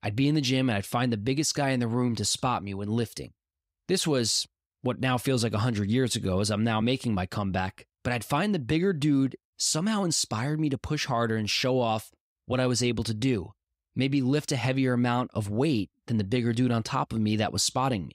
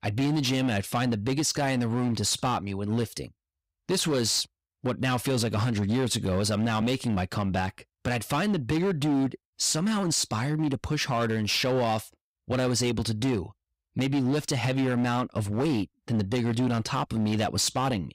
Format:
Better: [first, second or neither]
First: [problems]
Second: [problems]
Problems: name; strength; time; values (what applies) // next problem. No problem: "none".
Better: first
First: none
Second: distortion; slight; 14% of the sound clipped